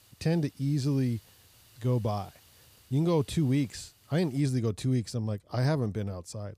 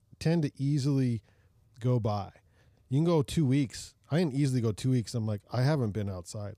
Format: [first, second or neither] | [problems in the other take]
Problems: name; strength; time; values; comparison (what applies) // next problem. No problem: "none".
second | hiss; faint; until 4.5 s; 25 dB below the speech